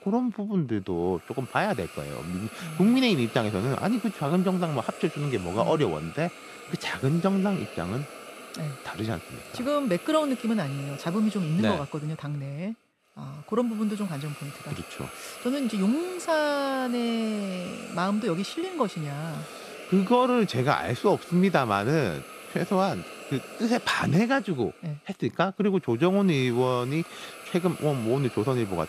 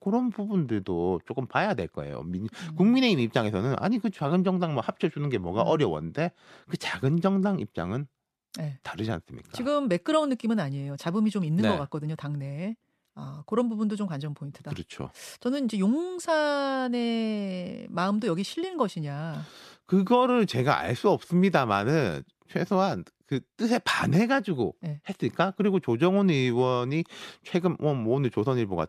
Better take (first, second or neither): second